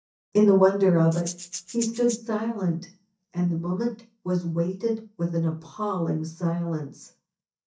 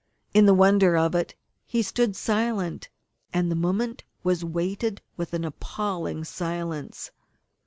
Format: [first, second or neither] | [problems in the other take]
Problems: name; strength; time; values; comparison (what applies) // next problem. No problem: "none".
second | noise reduction (neural mask model DeepFilterNet 3)